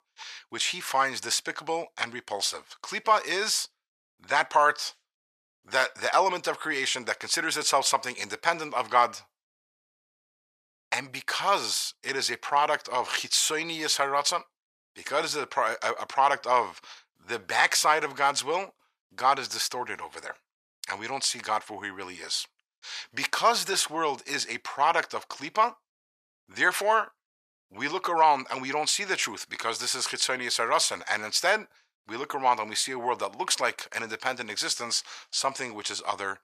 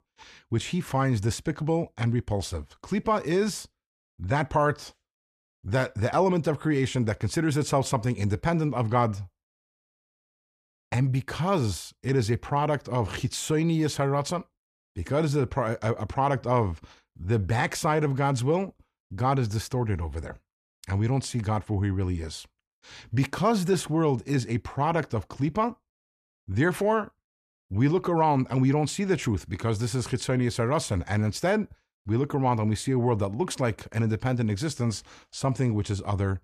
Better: second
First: thin; very; fading below 900 Hz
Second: none

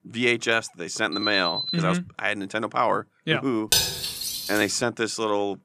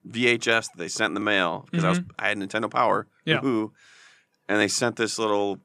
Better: second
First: alarm; noticeable; at 1 s; peak 1 dB below the speech // clattering dishes; loud; at 3.5 s; peak 4 dB above the speech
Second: none

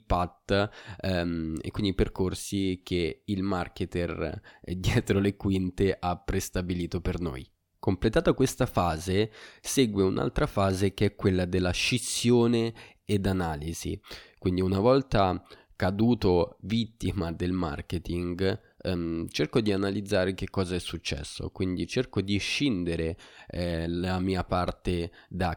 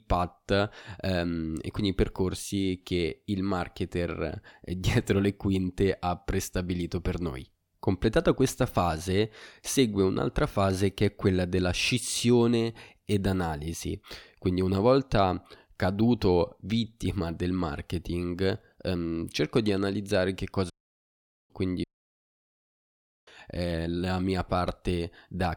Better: first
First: none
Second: audio cutting out; at 21 s for 1 s and at 22 s for 1.5 s

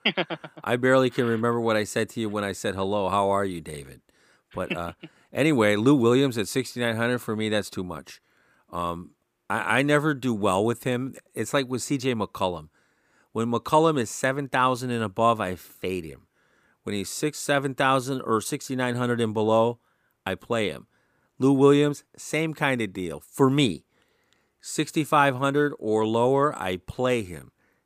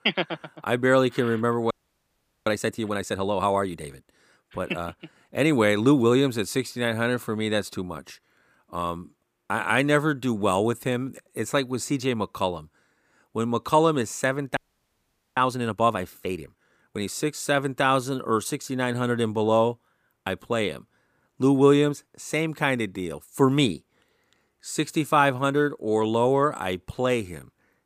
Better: first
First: none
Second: audio freezing; at 1.5 s for 1 s and at 15 s for 1 s

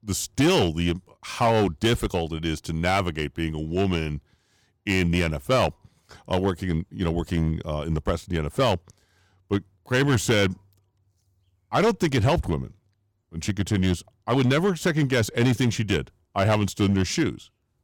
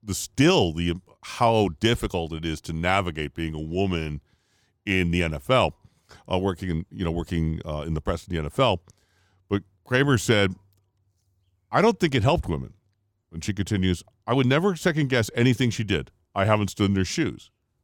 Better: second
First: distortion; slight; 5% of the sound clipped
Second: none

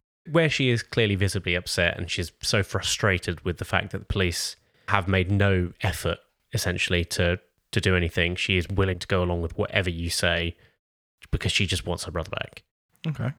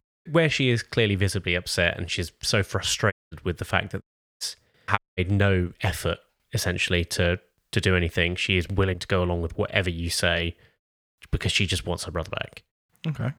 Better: first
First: none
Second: audio cutting out; at 3 s, at 4 s and at 5 s

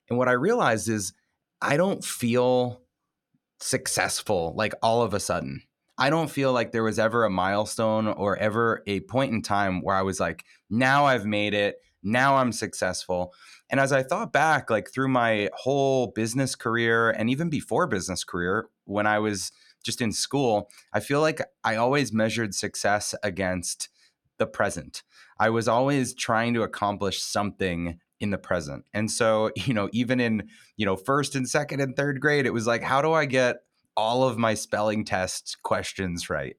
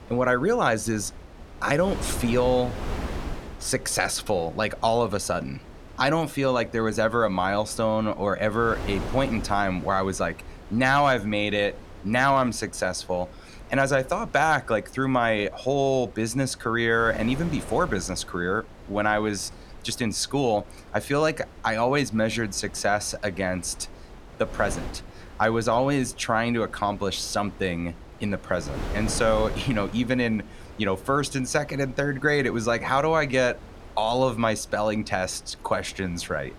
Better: first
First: none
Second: wind noise on the microphone; occasional gusts; 20 dB below the speech

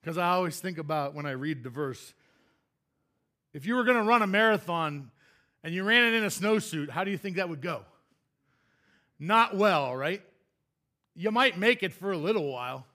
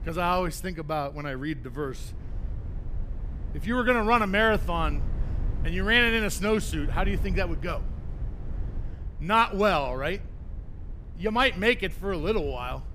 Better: first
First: none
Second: wind noise on the microphone; occasional gusts; 25 dB below the speech

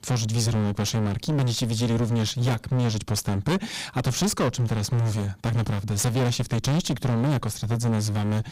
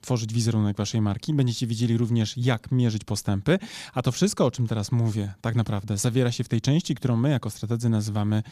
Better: second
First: distortion; heavy; 25% of the sound clipped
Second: none

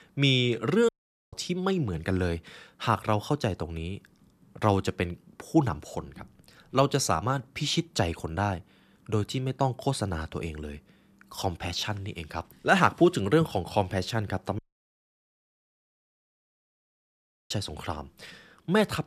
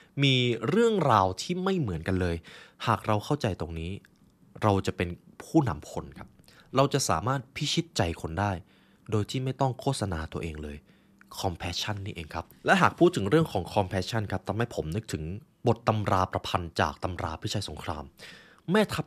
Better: second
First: audio cutting out; at 1 s and at 15 s for 3 s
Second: none

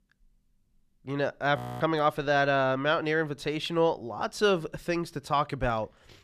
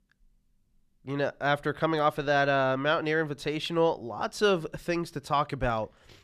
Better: second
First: audio freezing; at 1.5 s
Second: none

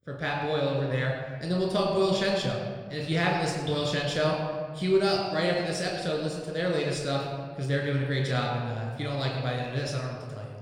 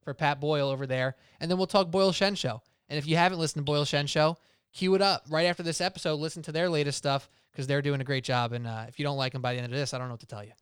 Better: second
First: off-mic speech; somewhat distant // room echo; noticeable; dies away in 1.5 s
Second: none

